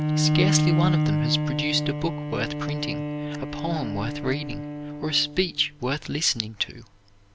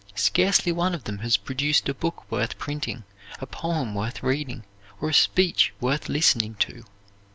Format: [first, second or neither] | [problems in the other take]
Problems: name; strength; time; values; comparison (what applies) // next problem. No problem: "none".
second | background sound (Bowed string instrument); 1 dB above the speech